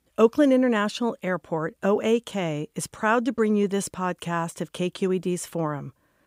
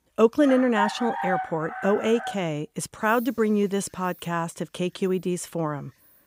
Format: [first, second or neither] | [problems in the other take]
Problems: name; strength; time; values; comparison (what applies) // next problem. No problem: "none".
first | animal sounds; loud; throughout; 7 dB below the speech